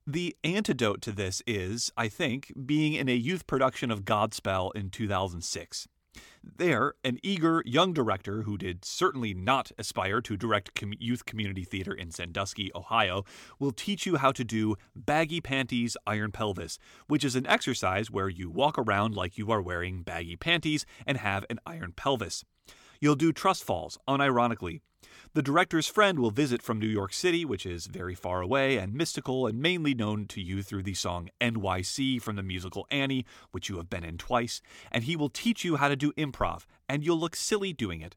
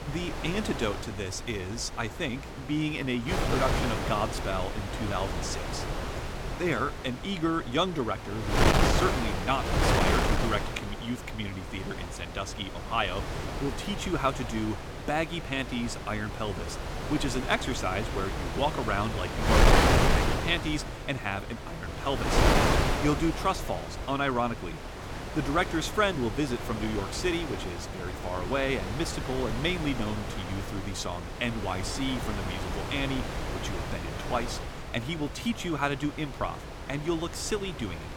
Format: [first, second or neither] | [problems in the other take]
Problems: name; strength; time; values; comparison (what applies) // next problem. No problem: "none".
first | wind noise on the microphone; heavy; 1 dB below the speech